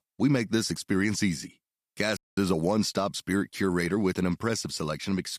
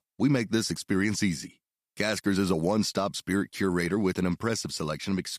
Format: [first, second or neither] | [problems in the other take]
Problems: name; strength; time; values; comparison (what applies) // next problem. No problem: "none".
second | audio cutting out; at 2 s